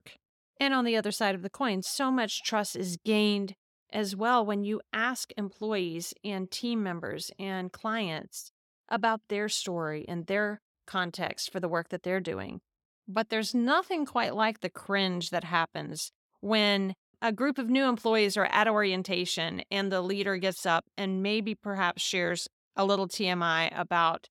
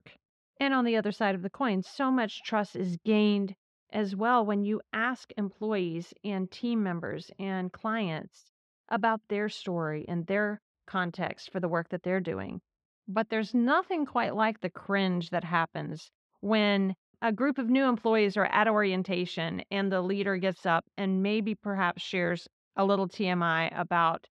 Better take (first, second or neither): first